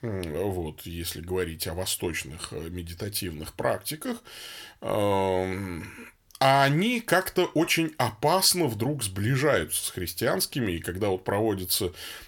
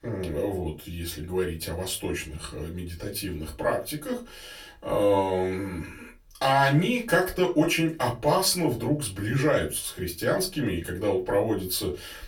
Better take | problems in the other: first | off-mic speech; far // room echo; very slight; dies away in 0.2 s

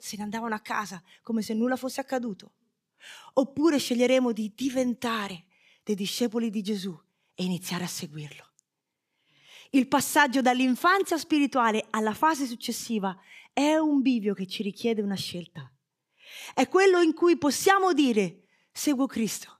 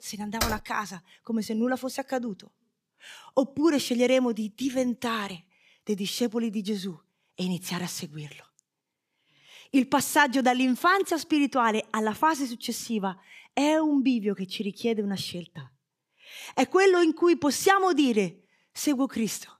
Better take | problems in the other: first | keyboard typing; noticeable; at 0.5 s; peak 4 dB below the speech

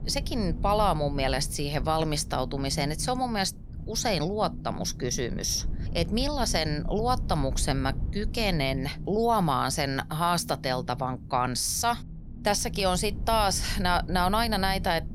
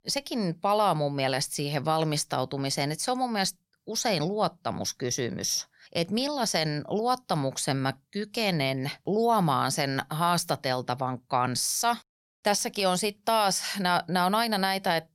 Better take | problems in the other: second | low rumble; faint; throughout; 20 dB below the speech

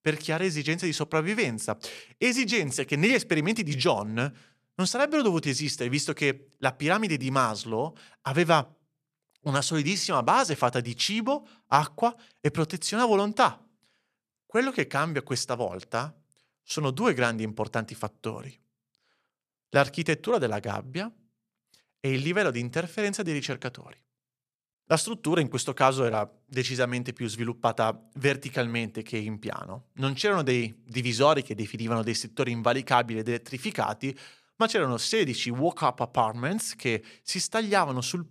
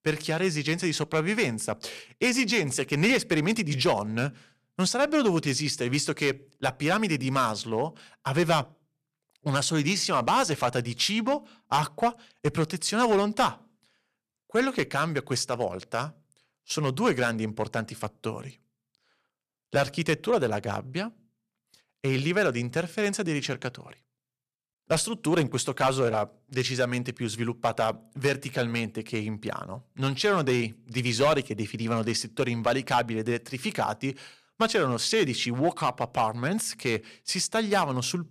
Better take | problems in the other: first | distortion; slight; 2% of the sound clipped

